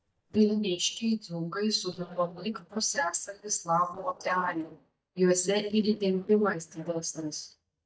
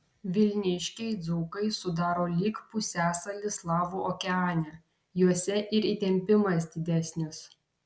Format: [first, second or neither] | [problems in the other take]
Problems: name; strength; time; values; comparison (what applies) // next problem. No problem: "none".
second | noise reduction (neural mask model DeepFilterNet 3)